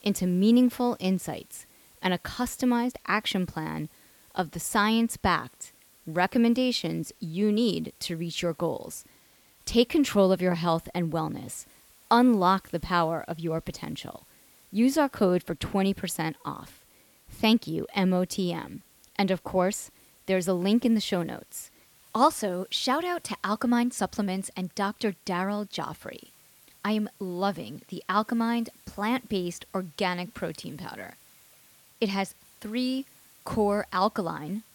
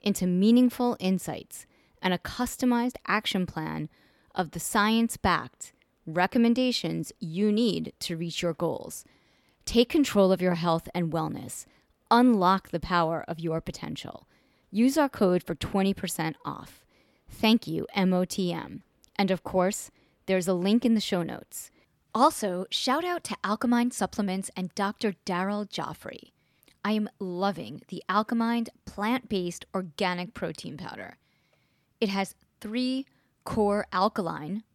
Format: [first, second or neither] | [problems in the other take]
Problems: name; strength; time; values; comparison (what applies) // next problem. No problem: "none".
second | hiss; faint; throughout; 30 dB below the speech